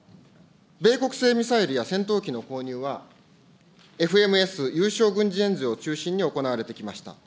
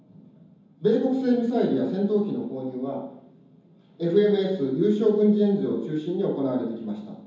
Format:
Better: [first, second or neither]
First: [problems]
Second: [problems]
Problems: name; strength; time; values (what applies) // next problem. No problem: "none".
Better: first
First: none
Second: room echo; dies away in 0.9 s